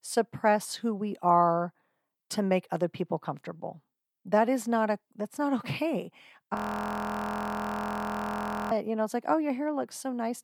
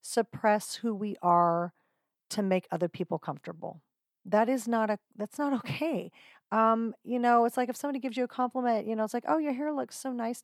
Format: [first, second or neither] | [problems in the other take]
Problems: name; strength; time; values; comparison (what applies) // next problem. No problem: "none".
second | audio freezing; at 6.5 s for 2 s